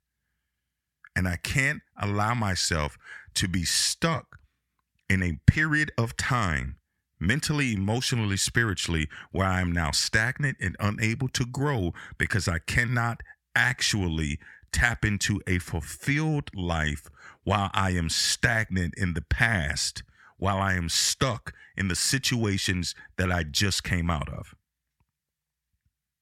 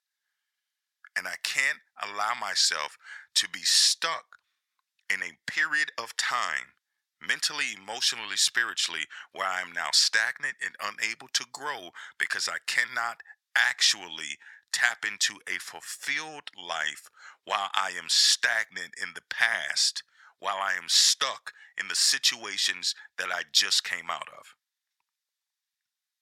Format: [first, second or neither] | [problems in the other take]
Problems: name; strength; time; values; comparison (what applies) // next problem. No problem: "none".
first | thin; very; fading below 900 Hz